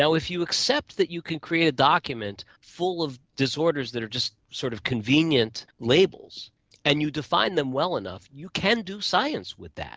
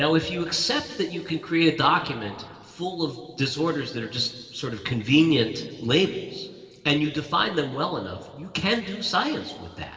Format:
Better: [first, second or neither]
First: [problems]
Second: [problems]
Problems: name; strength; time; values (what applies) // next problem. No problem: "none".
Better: first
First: none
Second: room echo; dies away in 1.9 s